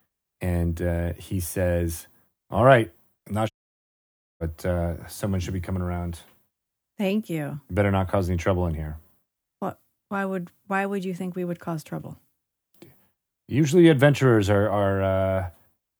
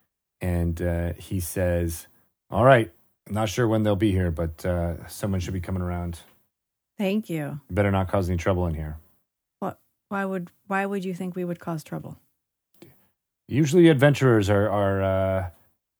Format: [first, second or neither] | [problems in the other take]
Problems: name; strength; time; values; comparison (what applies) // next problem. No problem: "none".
second | audio cutting out; at 3.5 s for 1 s